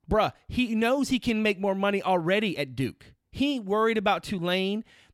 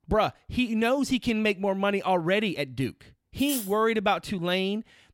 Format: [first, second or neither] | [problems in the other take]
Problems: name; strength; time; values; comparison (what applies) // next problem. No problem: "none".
first | clattering dishes; noticeable; at 3.5 s; peak 6 dB below the speech